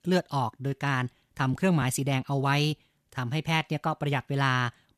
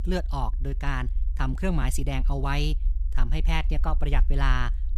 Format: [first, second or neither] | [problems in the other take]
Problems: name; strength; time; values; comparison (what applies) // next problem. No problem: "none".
first | low rumble; faint; throughout; 20 dB below the speech